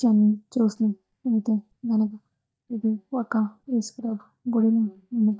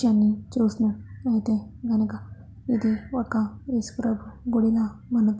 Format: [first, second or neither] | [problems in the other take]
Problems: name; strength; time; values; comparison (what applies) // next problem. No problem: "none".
second | noise reduction (neural mask model DeepFilterNet 3)